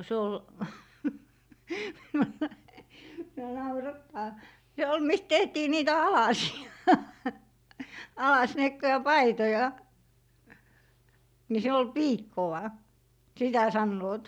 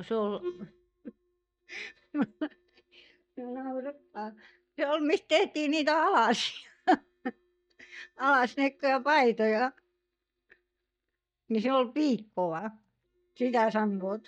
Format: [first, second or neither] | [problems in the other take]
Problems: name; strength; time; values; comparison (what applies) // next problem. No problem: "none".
first | noise reduction (neural mask model DeepFilterNet 3)